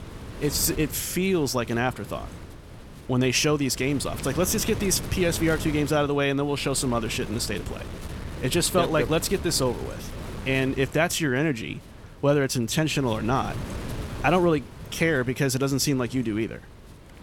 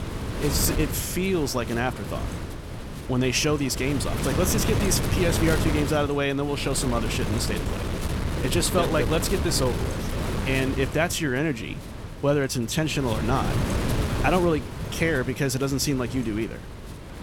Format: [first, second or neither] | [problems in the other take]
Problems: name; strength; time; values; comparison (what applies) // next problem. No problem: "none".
first | wind noise on the microphone; heavy; 7 dB below the speech; occasional gusts in the first